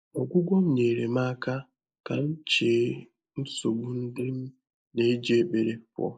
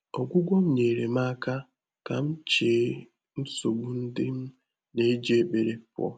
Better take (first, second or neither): second